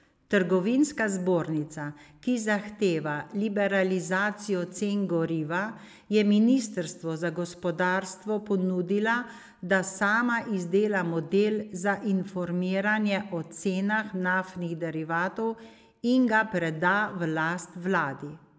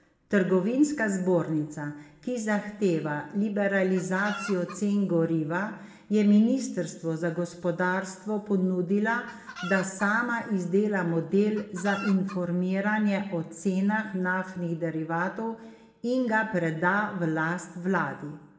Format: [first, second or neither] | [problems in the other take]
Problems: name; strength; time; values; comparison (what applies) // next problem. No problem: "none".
first | background sound (Chicken, rooster); 14 dB below the speech // room echo; dies away in 0.7 s